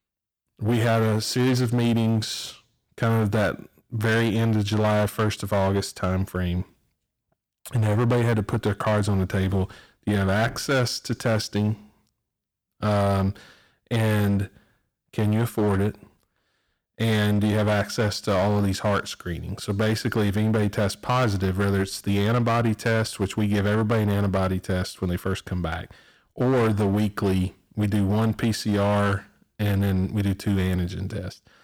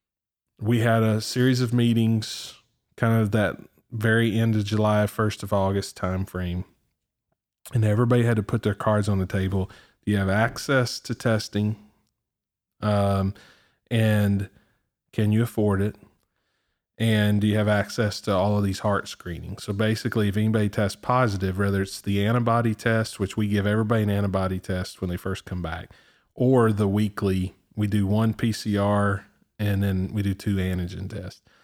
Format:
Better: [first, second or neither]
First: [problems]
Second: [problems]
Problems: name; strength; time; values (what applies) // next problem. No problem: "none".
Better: second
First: distortion; slight; 17% of the sound clipped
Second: none